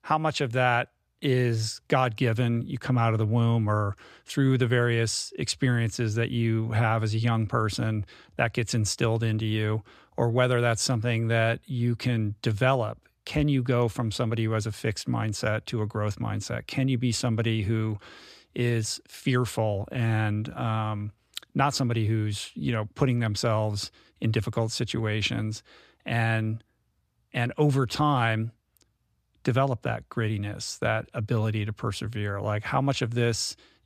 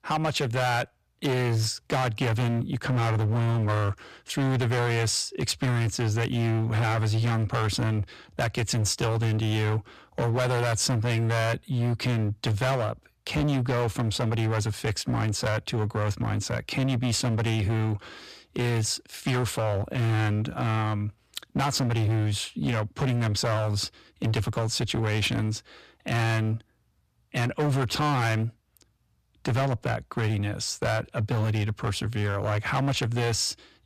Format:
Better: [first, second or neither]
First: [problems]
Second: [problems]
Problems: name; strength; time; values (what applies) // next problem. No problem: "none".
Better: first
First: none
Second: distortion; heavy; 19% of the sound clipped